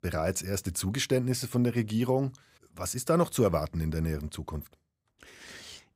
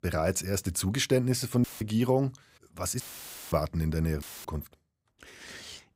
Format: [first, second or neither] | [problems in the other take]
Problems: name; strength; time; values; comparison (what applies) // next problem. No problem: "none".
first | audio cutting out; filled with static; at 1.5 s, at 3 s for 0.5 s and at 4 s